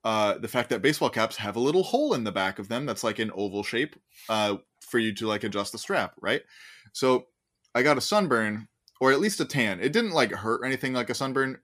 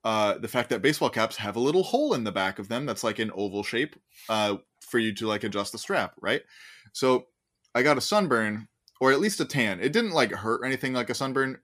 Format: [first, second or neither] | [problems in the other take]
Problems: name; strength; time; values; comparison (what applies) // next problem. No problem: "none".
neither | none